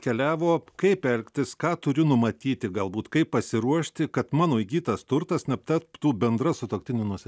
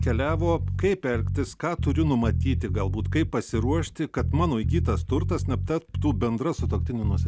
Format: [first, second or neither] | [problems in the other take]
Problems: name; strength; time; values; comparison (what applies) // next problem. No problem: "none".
first | background sound (Bass guitar); as loud as the speech